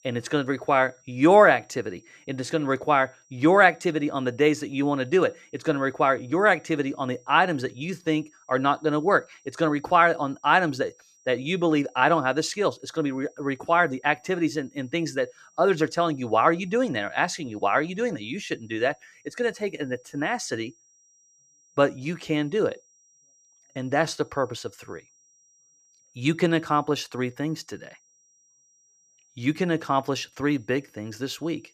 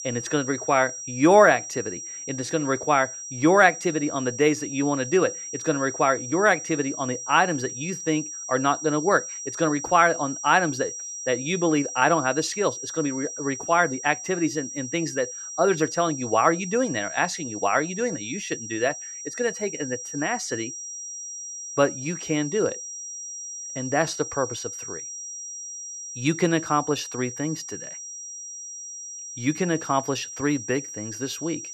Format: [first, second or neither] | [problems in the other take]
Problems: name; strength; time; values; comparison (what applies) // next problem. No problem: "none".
first | high-pitched whine; loud; throughout; 5.5 kHz, 9 dB below the speech; faint in the first